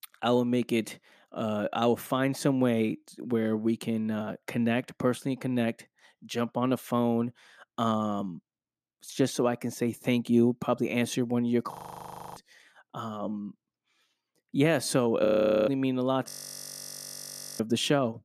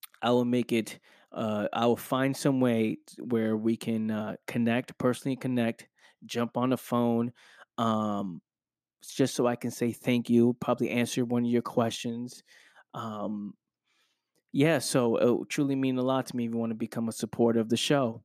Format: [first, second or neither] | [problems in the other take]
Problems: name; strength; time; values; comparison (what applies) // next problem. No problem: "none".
second | audio freezing; at 12 s for 0.5 s, at 15 s and at 16 s for 1.5 s